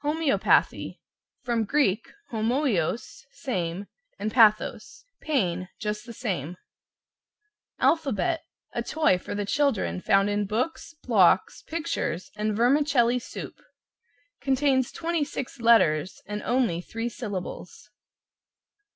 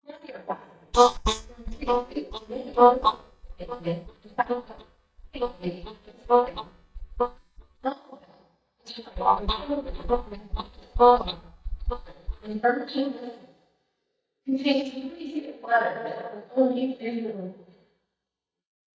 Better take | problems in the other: first | noise reduction (neural mask model DeepFilterNet 3)

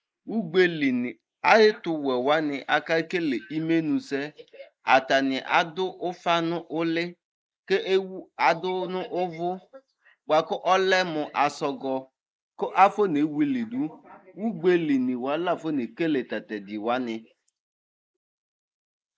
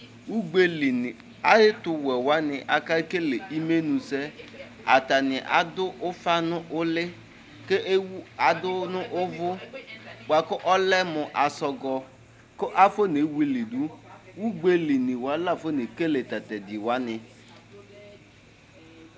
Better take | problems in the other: second | noise reduction (neural mask model Resemble Enhance denoiser)

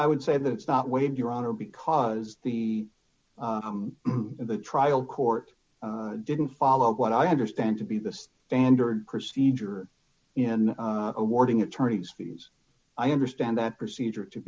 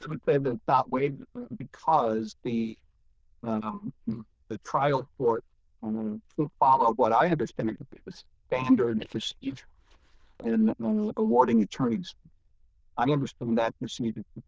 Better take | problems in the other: first | noise reduction (neural diffusion model UNIVERSE++)

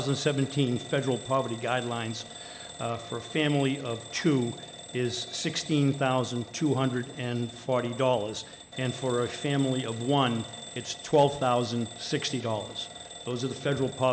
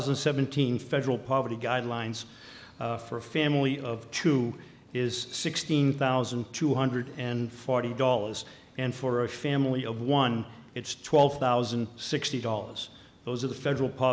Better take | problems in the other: second | background sound (Alarm / Bell); 15 dB below the speech

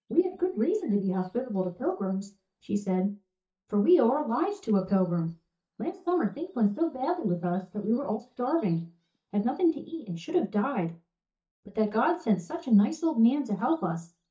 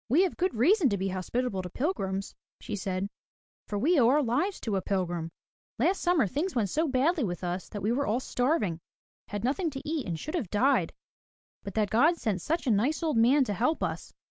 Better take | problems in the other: second | noise reduction (neural mask model DeepFilterNet 3)

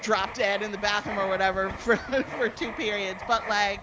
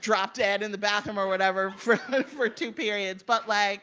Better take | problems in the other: second | background sound (Writing); 11 dB below the speech

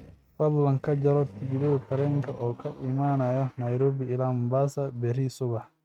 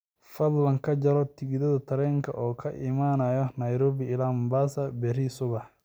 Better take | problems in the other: second | noise reduction (neural mask model RNNoise)

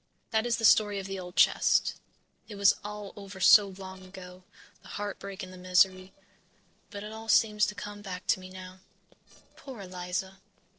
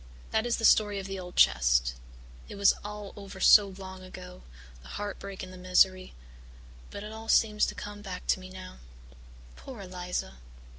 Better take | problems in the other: second | noise reduction (neural separator model SepFormer DNS4)

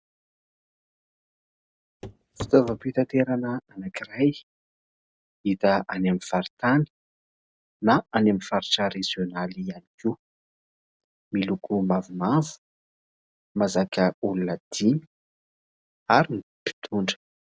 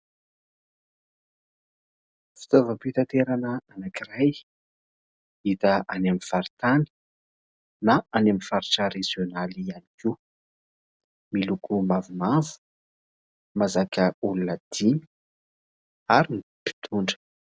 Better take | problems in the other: second | background sound (Walk, footsteps / Run / Wood); 13 dB below the speech

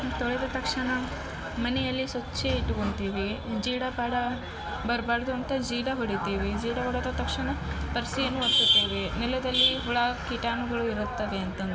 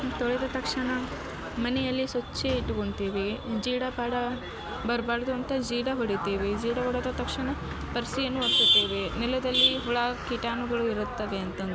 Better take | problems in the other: second | background sound (Sawing); 15 dB below the speech // room echo; dies away in 0.9 s

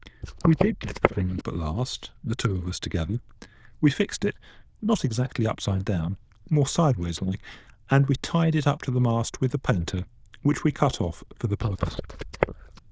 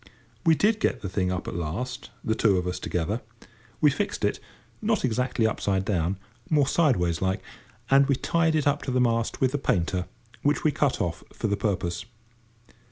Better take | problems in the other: second | noise reduction (neural diffusion model UNIVERSE++)

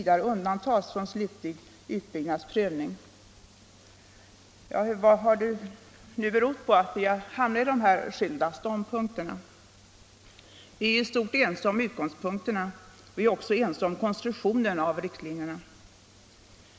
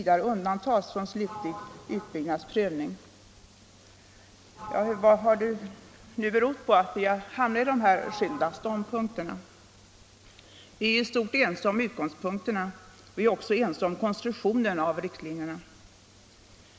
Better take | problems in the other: first | background sound (Sliding door); 16 dB below the speech

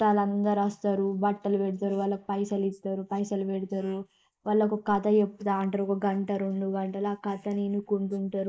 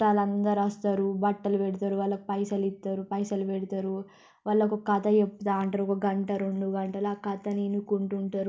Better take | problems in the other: second | noise reduction (neural mask model Resemble Enhance denoiser)

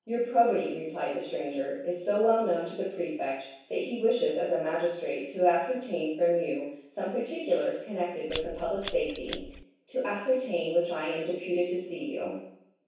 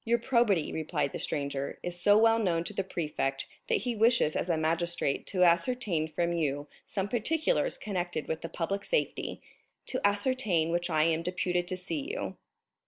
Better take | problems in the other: second | background sound (Scissors); 11 dB below the speech // room echo; dies away in 0.7 s

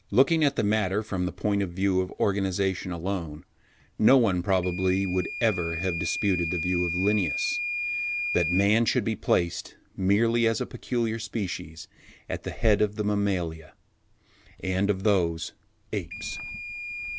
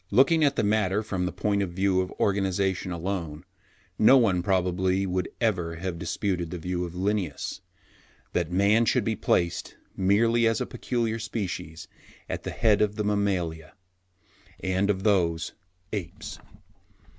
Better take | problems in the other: second | background sound (Microwave oven / Alarm); 10 dB below the speech

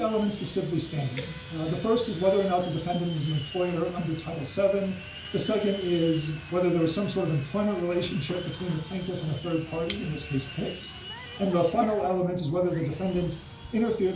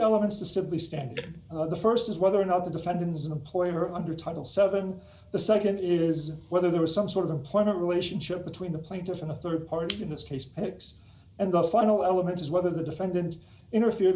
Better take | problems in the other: second | background sound (Sawing); 15 dB below the speech // room echo; dies away in 0.4 s

